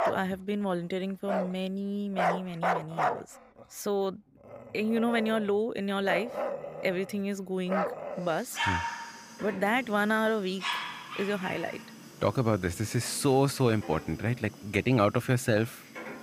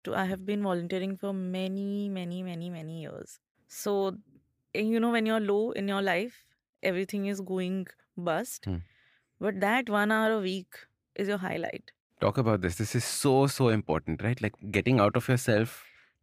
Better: second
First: animal sounds; loud; throughout; 5 dB below the speech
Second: none

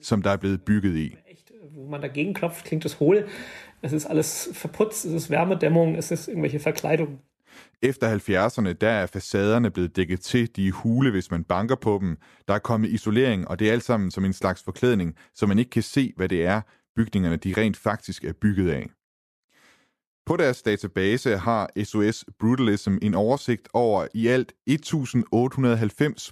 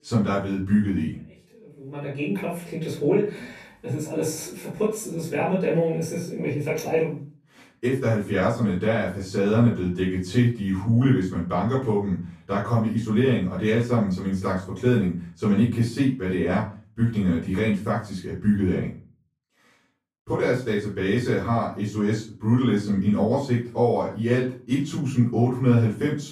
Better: first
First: none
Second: off-mic speech; far // room echo; slight; dies away in 0.3 s

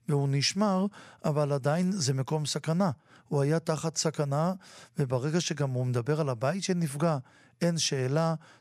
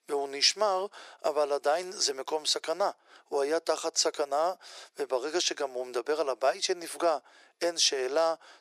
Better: first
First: none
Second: thin; very; fading below 350 Hz

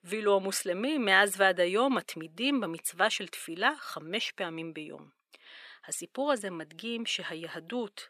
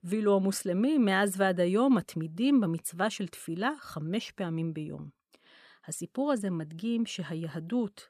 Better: second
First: thin; somewhat; fading below 400 Hz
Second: none

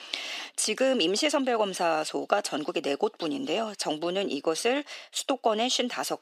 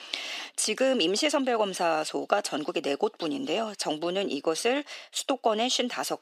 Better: neither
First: thin; somewhat; fading below 350 Hz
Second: thin; somewhat; fading below 350 Hz

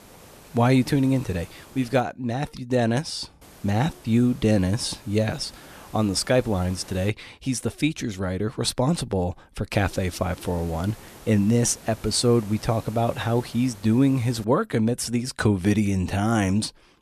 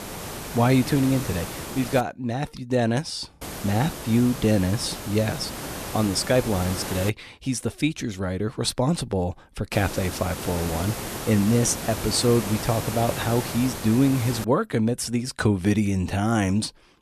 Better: first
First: hiss; faint; until 2 s, from 3.5 to 7 s and from 9.5 to 14 s; 20 dB below the speech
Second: hiss; loud; until 2 s, from 3.5 to 7 s and from 9.5 to 14 s; 8 dB below the speech

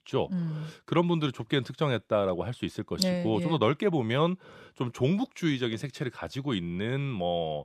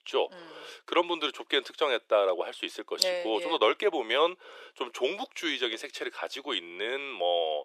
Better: first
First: none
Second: thin; very; fading below 400 Hz

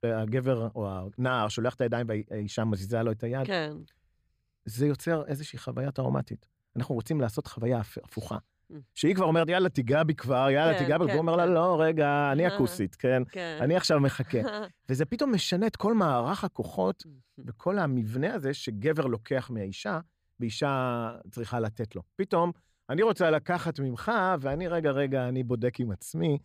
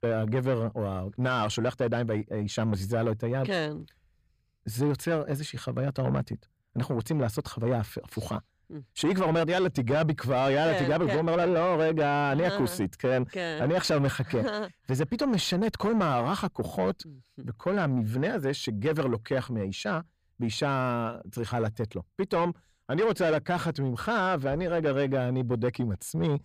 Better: first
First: none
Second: distortion; slight; 10 dB below the speech

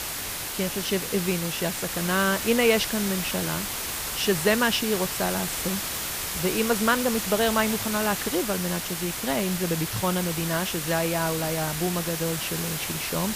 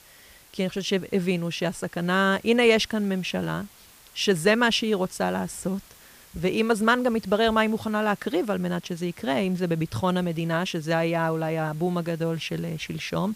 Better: second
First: hiss; loud; throughout; 2 dB below the speech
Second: hiss; faint; throughout; 25 dB below the speech

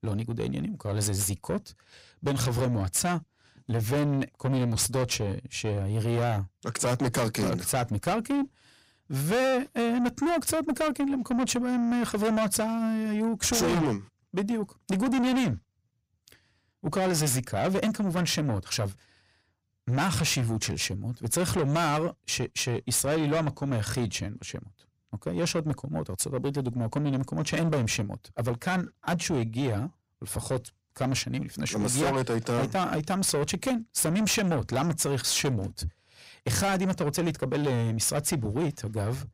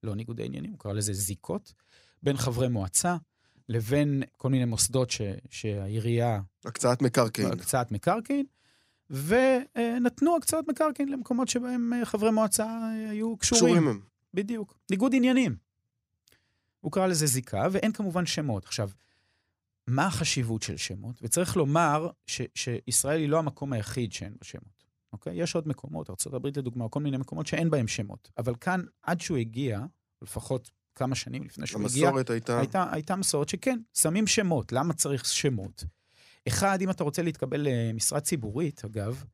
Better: second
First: distortion; heavy; 7 dB below the speech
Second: none

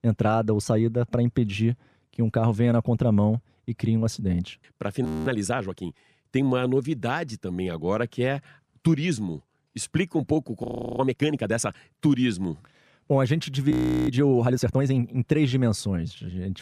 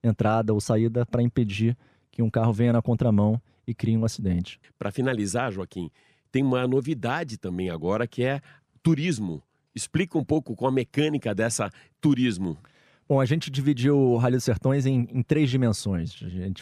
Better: second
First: audio freezing; at 5 s, at 11 s and at 14 s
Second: none

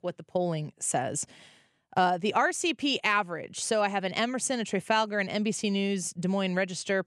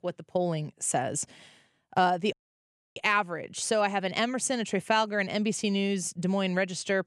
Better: first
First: none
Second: audio cutting out; at 2.5 s for 0.5 s

